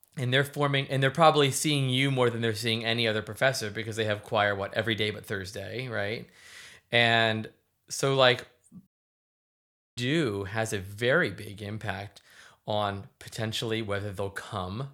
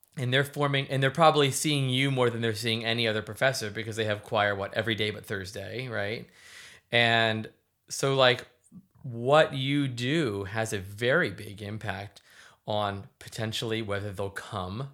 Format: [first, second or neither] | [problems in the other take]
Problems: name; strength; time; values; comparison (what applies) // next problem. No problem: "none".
second | audio cutting out; at 9 s for 1 s